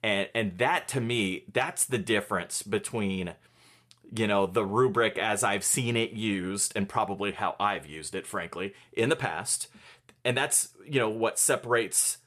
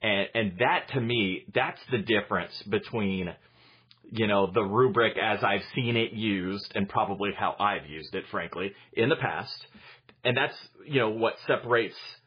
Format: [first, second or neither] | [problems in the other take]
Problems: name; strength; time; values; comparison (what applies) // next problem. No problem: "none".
first | garbled, watery; badly; nothing above 5 kHz